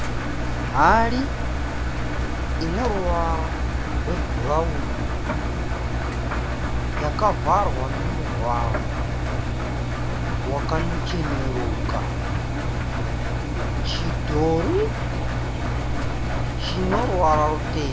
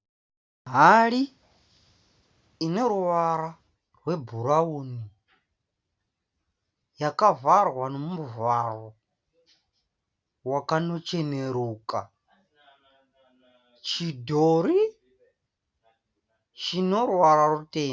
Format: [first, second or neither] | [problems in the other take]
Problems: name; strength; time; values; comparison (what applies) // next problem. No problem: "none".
second | background sound (Engine); 3 dB above the speech